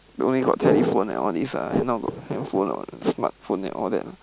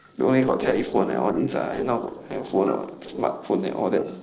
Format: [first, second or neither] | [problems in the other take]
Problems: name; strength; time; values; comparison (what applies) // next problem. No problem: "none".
first | noise reduction (neural separator model SepFormer DNS4)